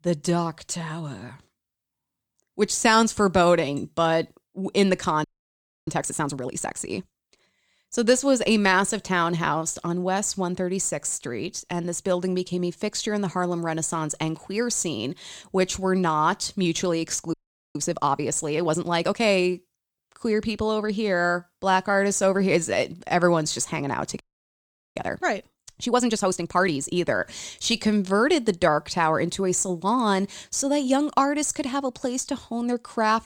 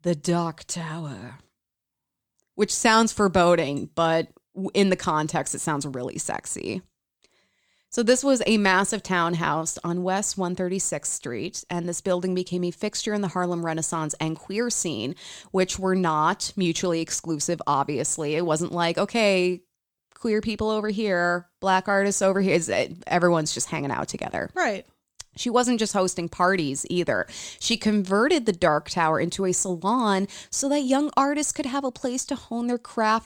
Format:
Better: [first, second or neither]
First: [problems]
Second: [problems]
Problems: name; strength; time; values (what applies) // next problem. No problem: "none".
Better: second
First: audio freezing; at 5 s for 0.5 s, at 17 s and at 24 s for 1 s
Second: none